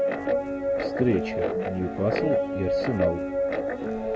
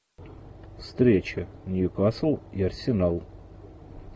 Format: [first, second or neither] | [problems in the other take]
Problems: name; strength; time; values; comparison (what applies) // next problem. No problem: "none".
second | background sound (Guitar); 3 dB above the speech